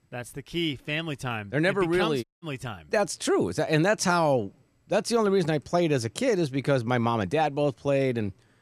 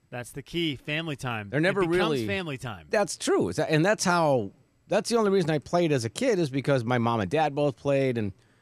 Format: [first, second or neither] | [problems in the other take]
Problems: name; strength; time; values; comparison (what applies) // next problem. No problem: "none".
second | audio cutting out; at 2 s